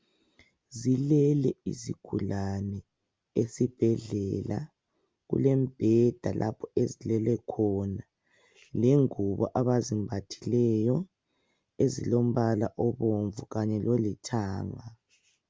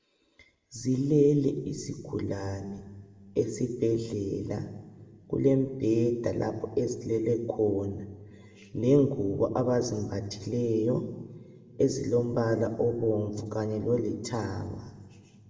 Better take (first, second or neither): first